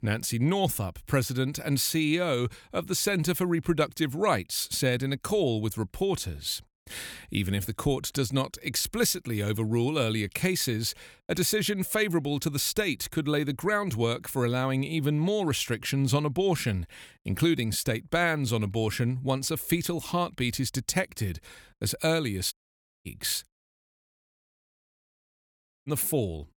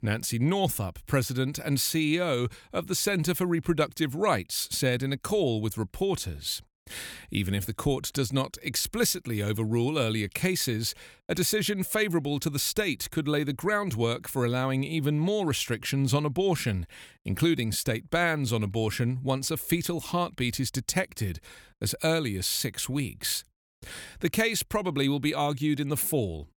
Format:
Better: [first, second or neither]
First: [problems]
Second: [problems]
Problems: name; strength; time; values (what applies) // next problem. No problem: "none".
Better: second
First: audio cutting out; at 23 s for 2.5 s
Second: none